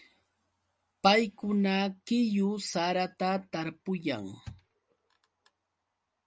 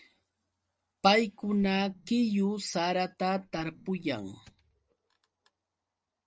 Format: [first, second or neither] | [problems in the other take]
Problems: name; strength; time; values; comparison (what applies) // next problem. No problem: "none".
first | noise reduction (neural separator model SepFormer DNS4)